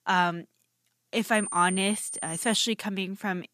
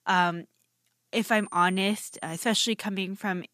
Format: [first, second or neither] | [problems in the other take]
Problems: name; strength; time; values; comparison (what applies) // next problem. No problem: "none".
second | high-pitched whine; loud; from 1.5 to 2.5 s; 9 kHz, 6 dB below the speech; faint in the second